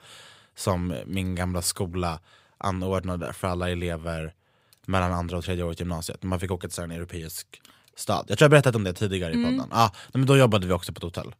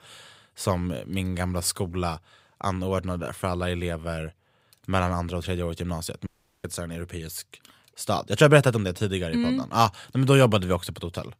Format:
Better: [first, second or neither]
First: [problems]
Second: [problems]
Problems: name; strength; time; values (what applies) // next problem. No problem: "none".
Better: first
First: none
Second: audio cutting out; at 6.5 s